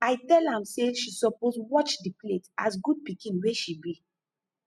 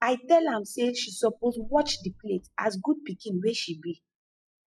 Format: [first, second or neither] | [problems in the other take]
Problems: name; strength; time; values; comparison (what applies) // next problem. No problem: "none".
first | noise reduction (classical method log-MMSE)